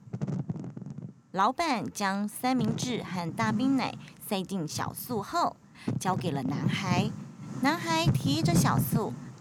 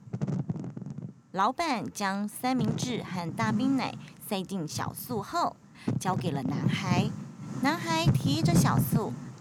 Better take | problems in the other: first | wind noise on the microphone; heavy; 8 dB below the speech; occasional gusts in the first

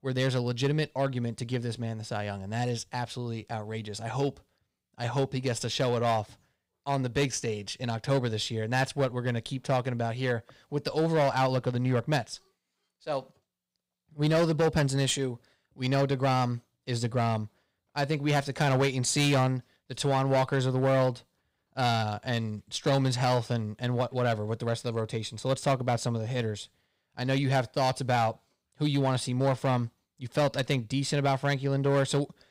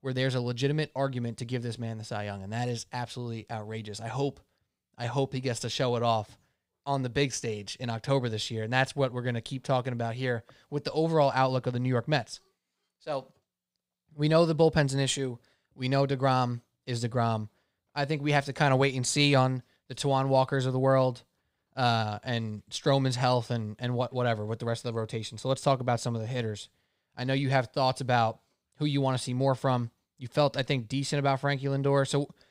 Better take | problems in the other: second | distortion; slight; 4% of the sound clipped

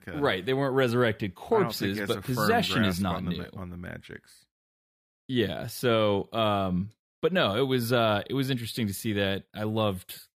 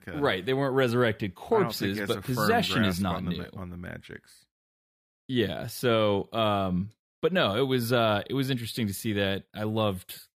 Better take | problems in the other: neither | none

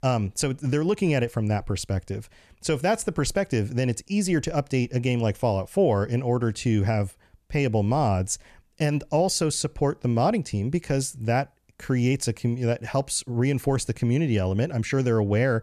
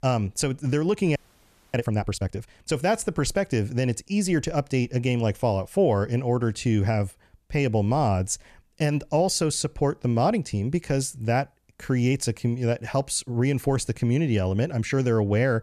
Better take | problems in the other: first | audio freezing; at 1 s for 0.5 s

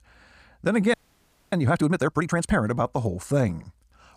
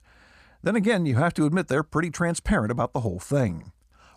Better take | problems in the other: second | audio freezing; at 1 s for 0.5 s

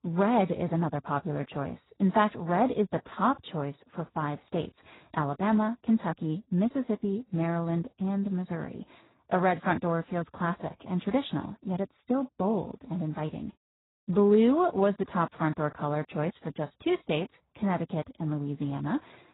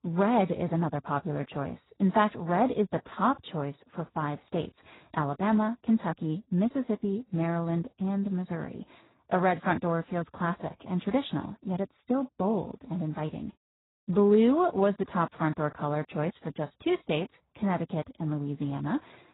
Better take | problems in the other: neither | garbled, watery; badly; nothing above 4 kHz; the same in both

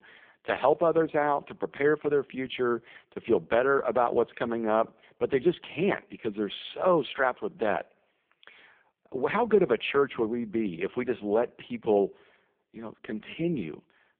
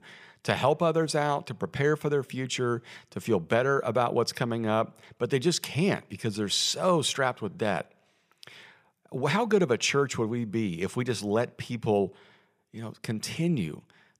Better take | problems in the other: second | phone-call audio; poor line

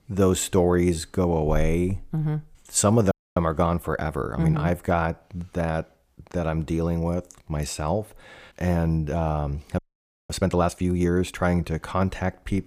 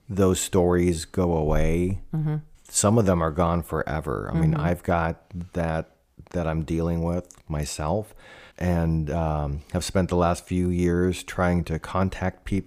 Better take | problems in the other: second | audio freezing; at 3 s and at 10 s for 0.5 s

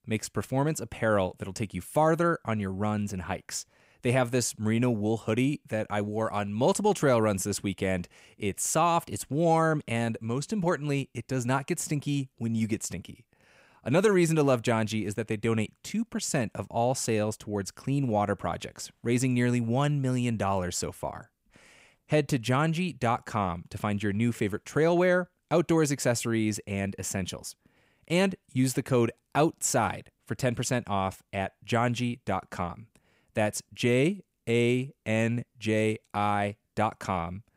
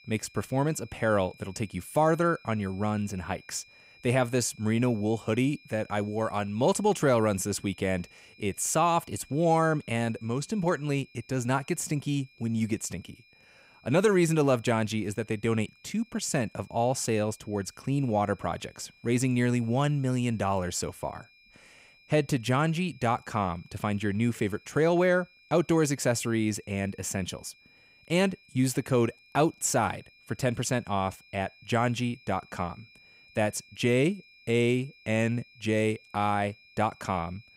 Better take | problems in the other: first | high-pitched whine; faint; throughout; 2.5 kHz, 25 dB below the speech

